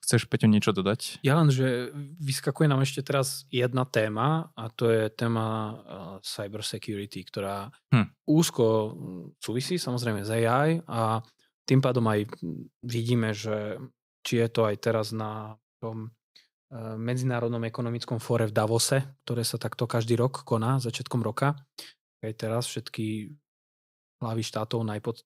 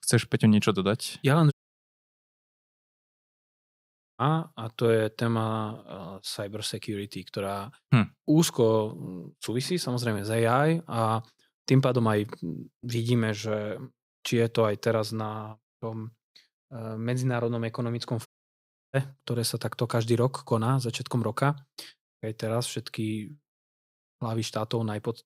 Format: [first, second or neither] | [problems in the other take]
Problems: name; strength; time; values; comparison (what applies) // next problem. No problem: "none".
first | audio cutting out; at 1.5 s for 2.5 s and at 18 s for 0.5 s